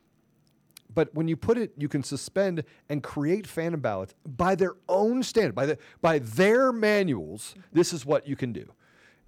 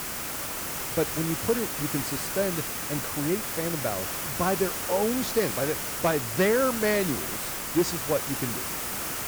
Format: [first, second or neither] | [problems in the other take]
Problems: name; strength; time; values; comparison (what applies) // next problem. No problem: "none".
first | hiss; loud; throughout; as loud as the speech